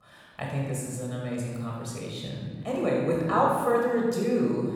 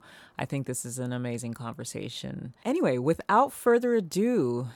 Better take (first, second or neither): second